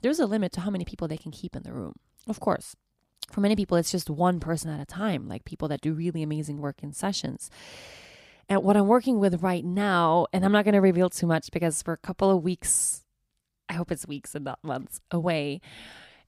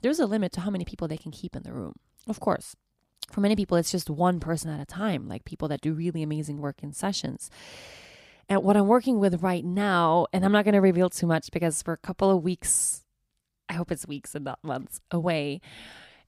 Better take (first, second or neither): neither